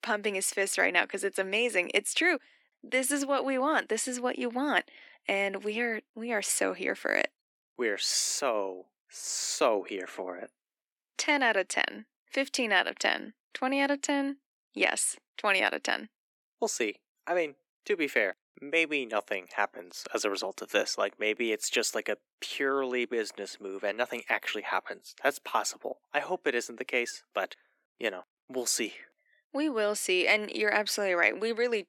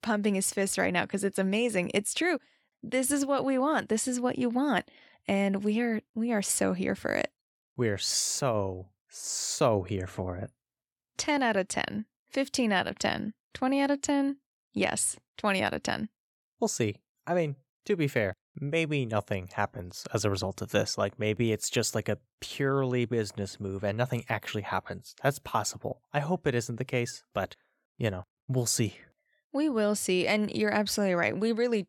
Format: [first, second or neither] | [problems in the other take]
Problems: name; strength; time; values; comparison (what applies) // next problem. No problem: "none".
second | thin; somewhat; fading below 250 Hz